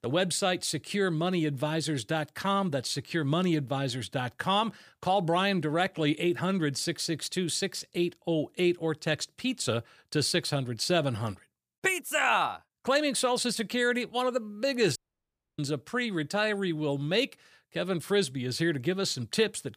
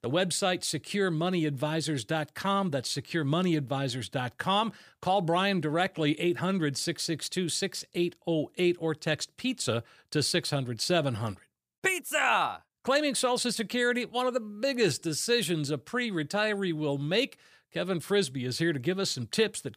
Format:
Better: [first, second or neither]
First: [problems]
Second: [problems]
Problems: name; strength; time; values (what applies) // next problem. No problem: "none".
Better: second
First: audio cutting out; at 15 s for 0.5 s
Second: none